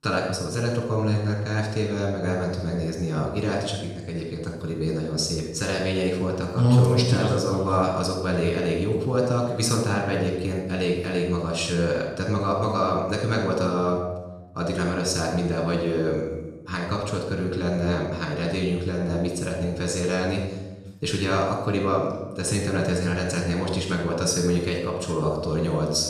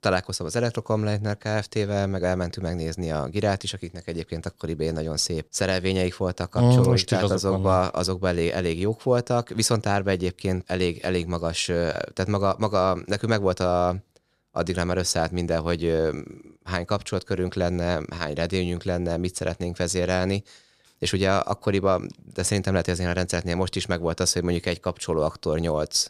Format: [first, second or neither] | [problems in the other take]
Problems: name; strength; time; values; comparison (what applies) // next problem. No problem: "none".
second | off-mic speech; far // room echo; noticeable; dies away in 0.9 s